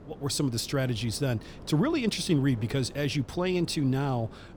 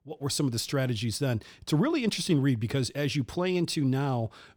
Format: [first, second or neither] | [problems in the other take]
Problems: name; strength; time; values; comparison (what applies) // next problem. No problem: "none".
second | wind noise on the microphone; occasional gusts; 20 dB below the speech